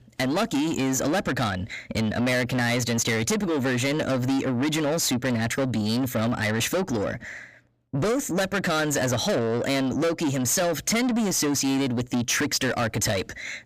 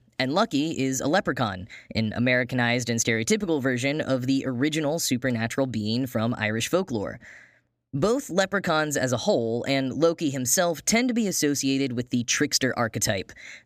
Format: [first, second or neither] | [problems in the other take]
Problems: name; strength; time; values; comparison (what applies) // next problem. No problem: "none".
second | distortion; heavy; 7 dB below the speech